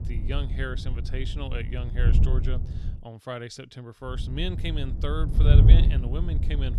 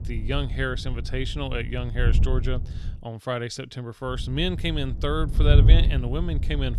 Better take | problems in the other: second | wind noise on the microphone; heavy; until 3 s and from 4 s on; 4 dB below the speech; occasional gusts in the second

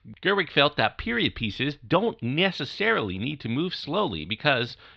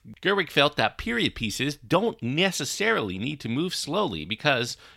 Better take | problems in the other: second | muffled; very slightly; fading above 4 kHz

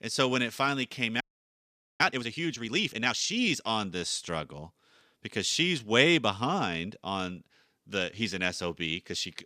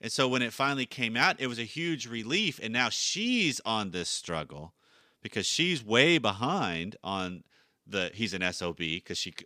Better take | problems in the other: second | audio freezing; at 1 s for 1 s

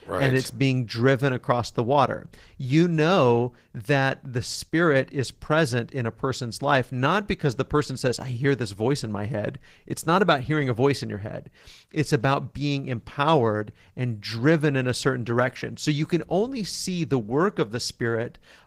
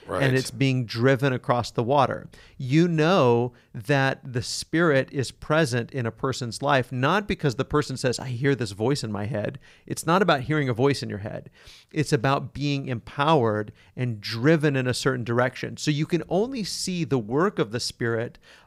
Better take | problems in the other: second | garbled, watery; slightly; nothing above 15.5 kHz

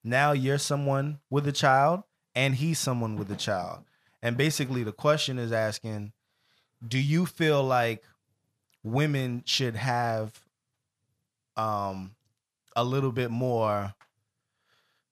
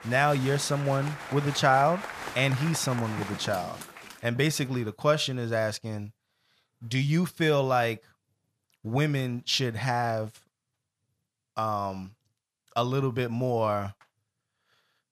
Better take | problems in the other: first | crowd noise; noticeable; until 4 s; 10 dB below the speech

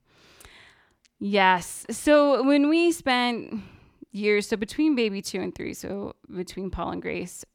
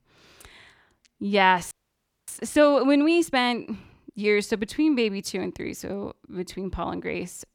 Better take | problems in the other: first | audio freezing; at 1.5 s for 0.5 s

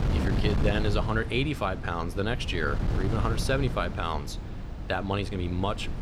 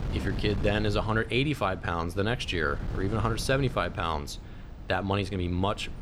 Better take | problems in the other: second | wind noise on the microphone; heavy; 10 dB below the speech; occasional gusts in the second

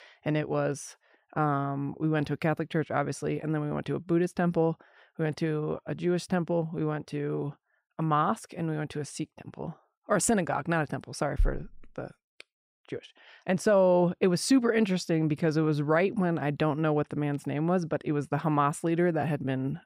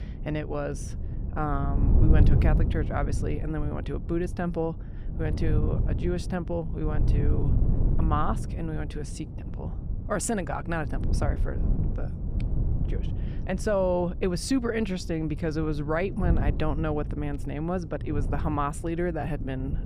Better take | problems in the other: first | wind noise on the microphone; occasional gusts; 10 dB below the speech

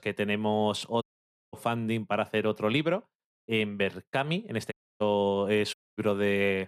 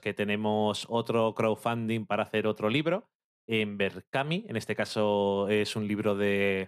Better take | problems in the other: second | audio cutting out; at 1 s for 0.5 s, at 4.5 s and at 5.5 s

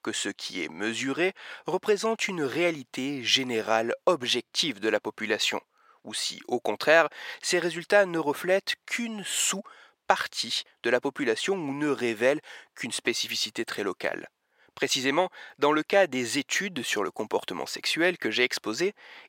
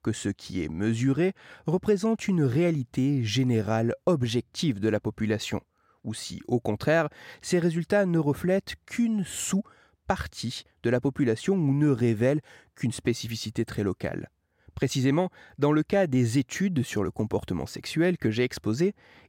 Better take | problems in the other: second | thin; somewhat; fading below 500 Hz

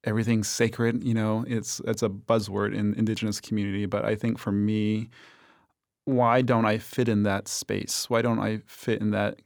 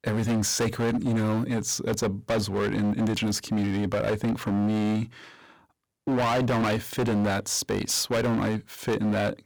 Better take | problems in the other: first | distortion; heavy; 22% of the sound clipped

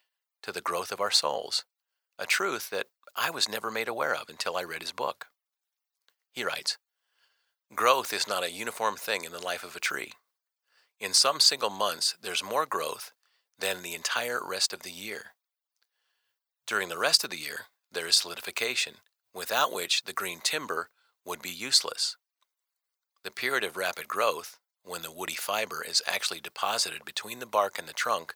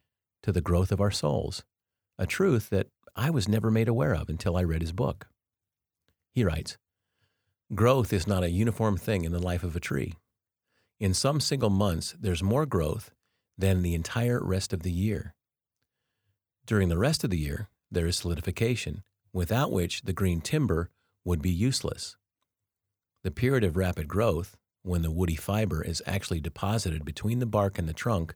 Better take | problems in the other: second | thin; very; fading below 900 Hz

